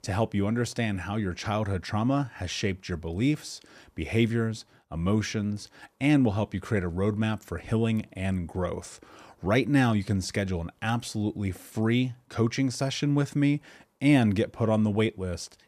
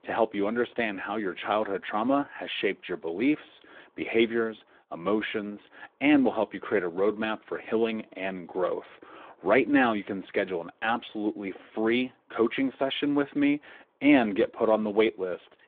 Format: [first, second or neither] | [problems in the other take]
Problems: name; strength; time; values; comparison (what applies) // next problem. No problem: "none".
first | phone-call audio; nothing above 3.5 kHz